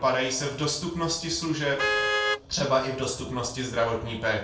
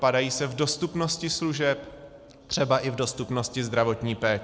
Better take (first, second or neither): second